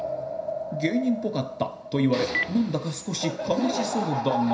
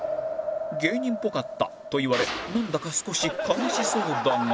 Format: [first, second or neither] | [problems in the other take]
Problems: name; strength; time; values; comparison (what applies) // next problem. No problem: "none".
second | background sound (Telephone); 14 dB below the speech // room echo; dies away in 0.5 s